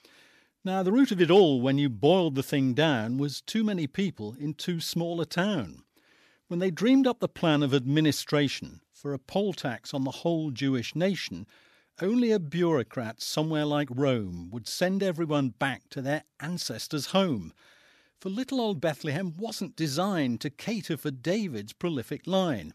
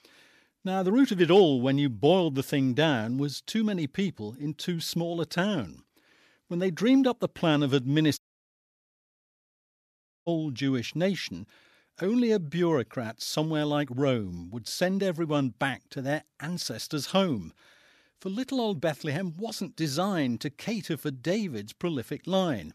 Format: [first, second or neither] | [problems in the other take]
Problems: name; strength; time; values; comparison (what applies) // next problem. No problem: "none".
first | audio cutting out; at 8 s for 2 s